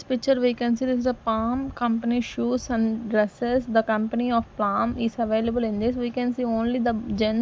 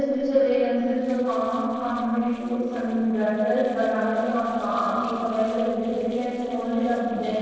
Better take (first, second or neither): first